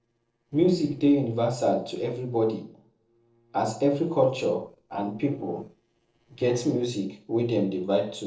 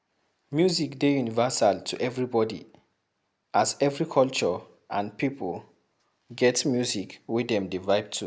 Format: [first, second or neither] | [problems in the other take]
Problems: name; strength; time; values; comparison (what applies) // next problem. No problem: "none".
second | noise reduction (neural separator model SepFormer DNS4)